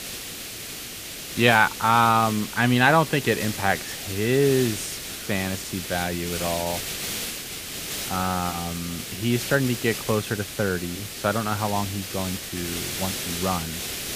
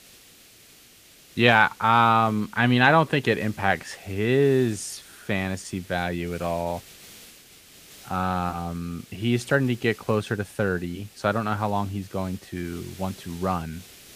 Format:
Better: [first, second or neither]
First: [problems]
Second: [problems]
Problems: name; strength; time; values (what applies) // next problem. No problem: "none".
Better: second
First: hiss; loud; throughout; 7 dB below the speech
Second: hiss; faint; throughout; 25 dB below the speech